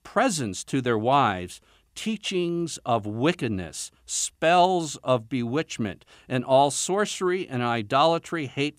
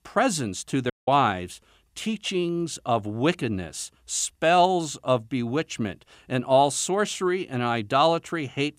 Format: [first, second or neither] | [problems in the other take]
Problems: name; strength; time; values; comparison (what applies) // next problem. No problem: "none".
first | audio cutting out; at 1 s